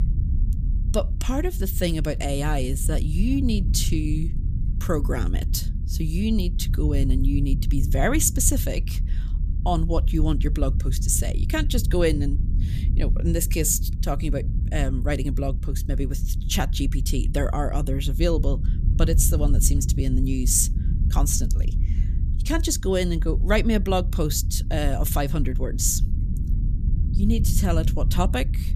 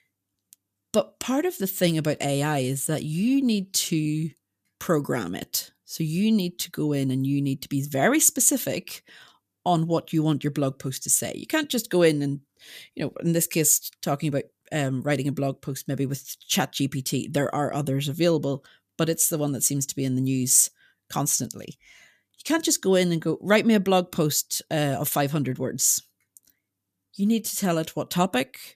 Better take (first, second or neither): second